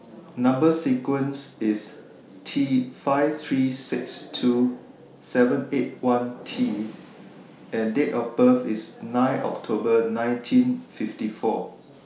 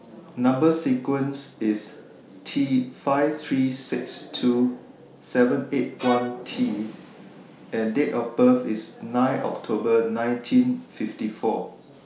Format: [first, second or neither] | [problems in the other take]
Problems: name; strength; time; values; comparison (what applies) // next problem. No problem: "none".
first | background sound (Bowed string instrument); 10 dB below the speech